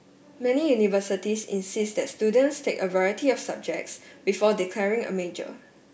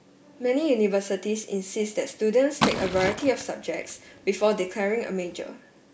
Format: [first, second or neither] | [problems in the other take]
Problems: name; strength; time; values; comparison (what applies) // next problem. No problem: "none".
first | background sound (Liquid); 7 dB below the speech